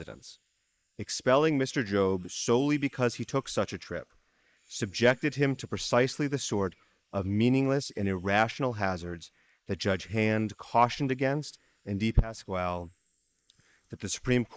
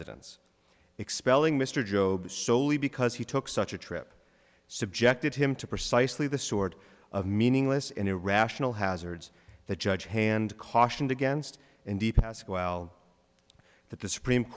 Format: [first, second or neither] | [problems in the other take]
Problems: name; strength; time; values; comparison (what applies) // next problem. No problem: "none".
second | noise reduction (neural mask model Resemble Enhance denoiser)